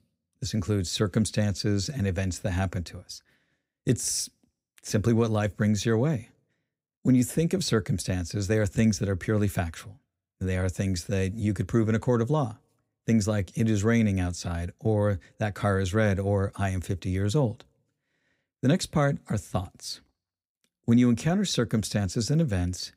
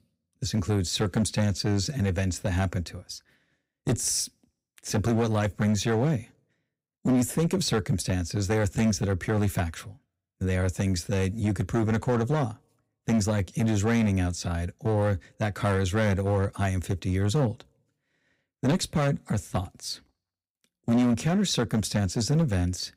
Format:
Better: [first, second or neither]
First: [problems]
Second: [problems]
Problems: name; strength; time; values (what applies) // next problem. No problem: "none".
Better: first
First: none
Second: distortion; slight; 6% of the sound clipped